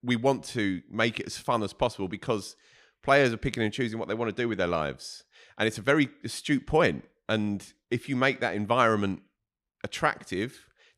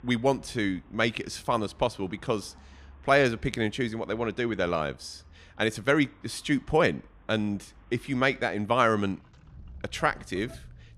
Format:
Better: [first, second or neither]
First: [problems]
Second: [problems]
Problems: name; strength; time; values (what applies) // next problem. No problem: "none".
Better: first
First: none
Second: traffic noise; faint; throughout; 25 dB below the speech